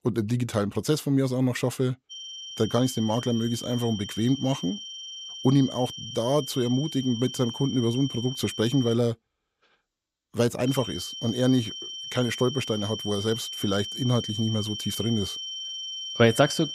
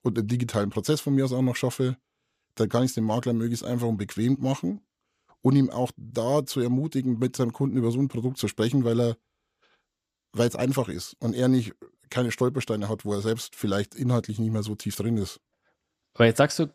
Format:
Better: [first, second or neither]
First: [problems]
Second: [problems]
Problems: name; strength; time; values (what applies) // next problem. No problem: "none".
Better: second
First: high-pitched whine; loud; from 2 to 9 s and from 11 s on; 3 kHz, 8 dB below the speech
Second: none